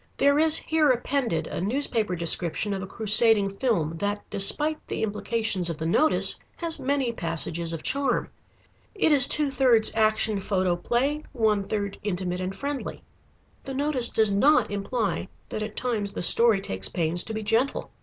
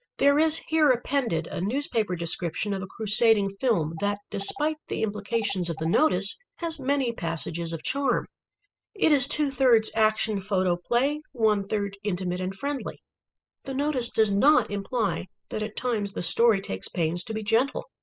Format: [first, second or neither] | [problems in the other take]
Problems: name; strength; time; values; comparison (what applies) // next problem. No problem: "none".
first | noise reduction (classical method spectral subtraction)